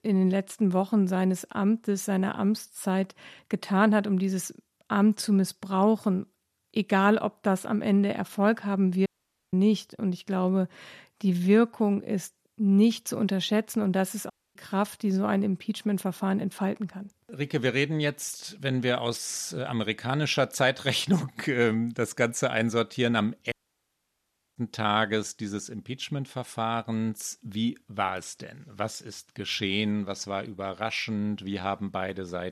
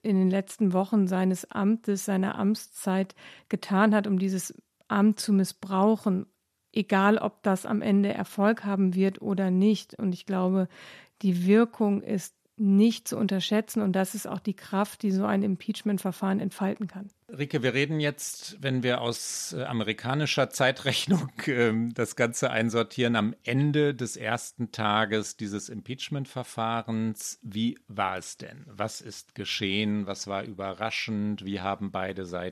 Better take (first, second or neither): second